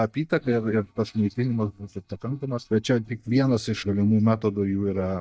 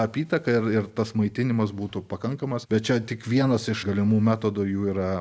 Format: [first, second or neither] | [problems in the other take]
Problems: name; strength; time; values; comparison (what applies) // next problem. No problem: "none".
second | noise reduction (neural mask model DeepFilterNet 3)